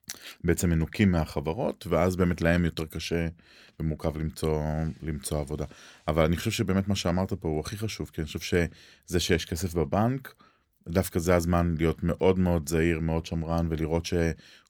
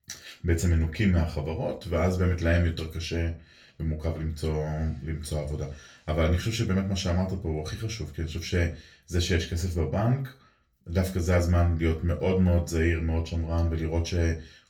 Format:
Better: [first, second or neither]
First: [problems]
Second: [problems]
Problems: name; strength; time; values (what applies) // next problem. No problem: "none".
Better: first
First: none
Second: room echo; very slight; dies away in 0.3 s // off-mic speech; far